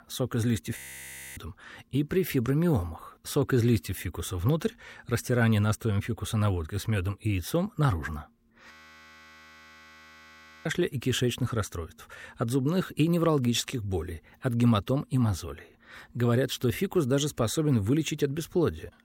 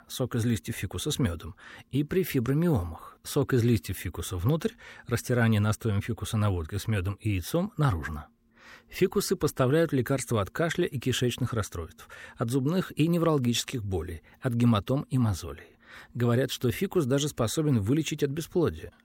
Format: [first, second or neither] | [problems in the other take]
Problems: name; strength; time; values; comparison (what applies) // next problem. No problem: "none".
second | audio freezing; at 1 s for 0.5 s and at 8.5 s for 2 s